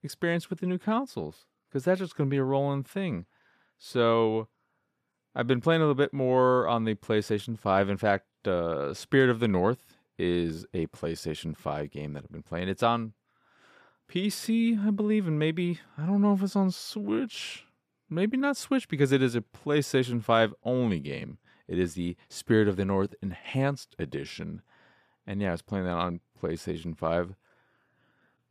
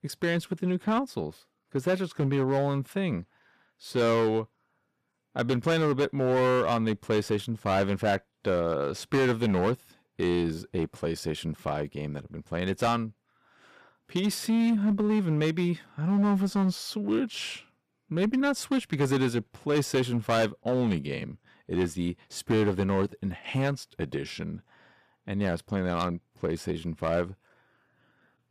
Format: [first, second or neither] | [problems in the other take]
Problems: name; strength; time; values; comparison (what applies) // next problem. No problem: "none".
first | distortion; slight; 7% of the sound clipped